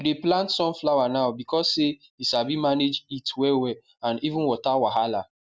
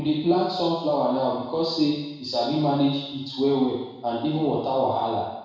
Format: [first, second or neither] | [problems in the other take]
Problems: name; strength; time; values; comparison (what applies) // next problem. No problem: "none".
first | room echo; dies away in 1 s